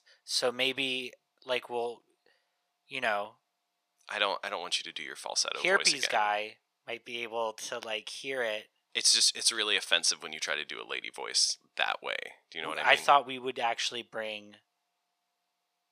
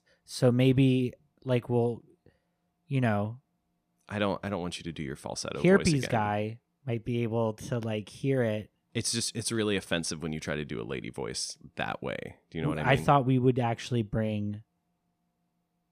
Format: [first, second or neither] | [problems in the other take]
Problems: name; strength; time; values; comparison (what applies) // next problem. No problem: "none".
second | thin; very; fading below 800 Hz